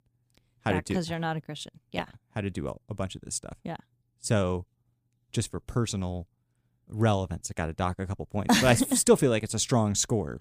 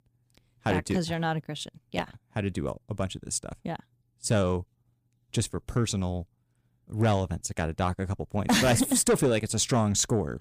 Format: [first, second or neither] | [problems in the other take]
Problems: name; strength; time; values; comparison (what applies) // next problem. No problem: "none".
first | distortion; slight; 10 dB below the speech